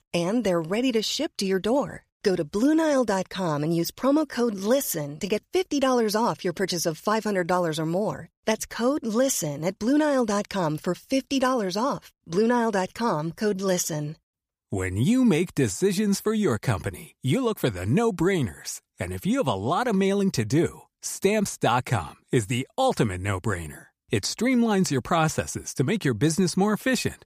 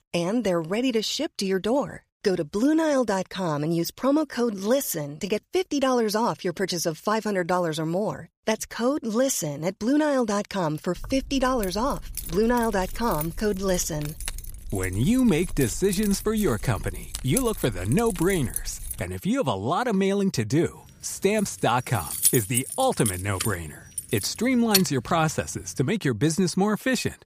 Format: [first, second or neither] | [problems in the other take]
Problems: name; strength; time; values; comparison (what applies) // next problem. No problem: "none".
first | jangling keys; noticeable; from 11 to 19 s; peak 4 dB below the speech // jangling keys; loud; from 21 to 25 s; peak 4 dB above the speech